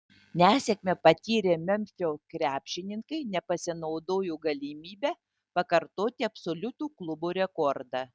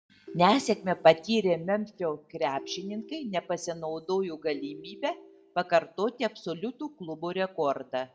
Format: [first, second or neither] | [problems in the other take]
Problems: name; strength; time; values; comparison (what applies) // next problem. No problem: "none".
first | background sound (Ringtone); 19 dB below the speech // room echo; dies away in 0.3 s